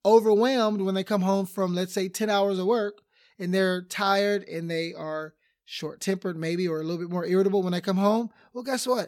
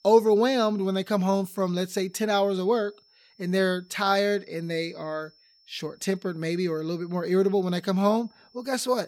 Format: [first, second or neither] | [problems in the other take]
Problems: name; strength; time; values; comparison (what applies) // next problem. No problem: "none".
first | high-pitched whine; faint; throughout; 5.5 kHz, 30 dB below the speech